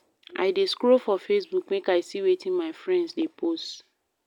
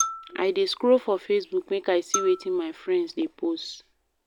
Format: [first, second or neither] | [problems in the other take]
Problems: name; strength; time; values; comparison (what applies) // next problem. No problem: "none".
first | background sound (Marimba, xylophone); 10 dB below the speech